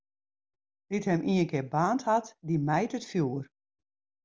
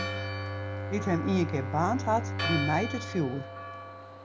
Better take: first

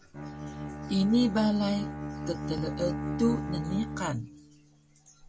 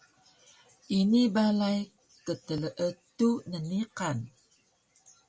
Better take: second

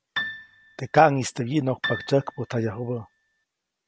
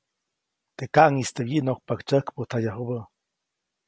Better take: second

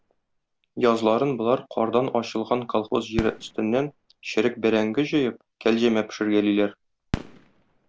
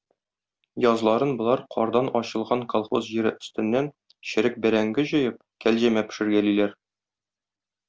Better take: second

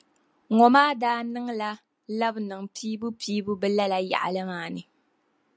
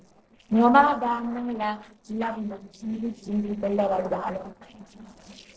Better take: first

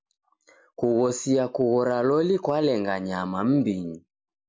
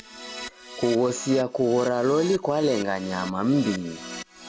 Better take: first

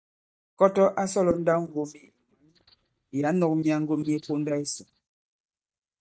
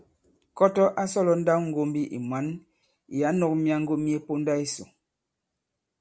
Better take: second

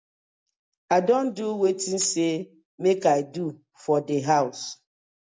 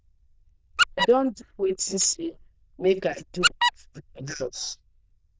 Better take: first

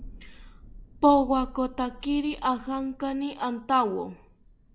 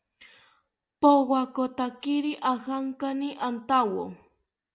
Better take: second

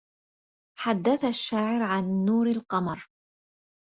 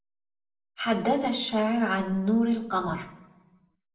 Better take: first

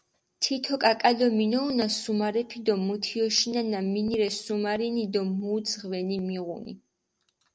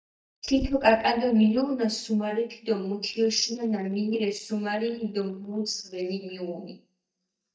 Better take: first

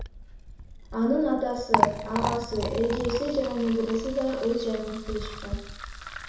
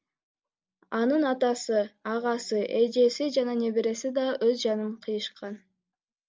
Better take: second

